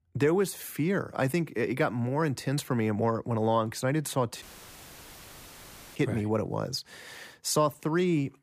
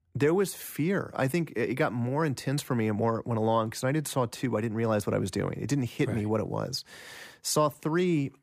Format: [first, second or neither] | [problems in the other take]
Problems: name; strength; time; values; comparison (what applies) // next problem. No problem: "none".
second | audio cutting out; filled with static; at 4.5 s for 1.5 s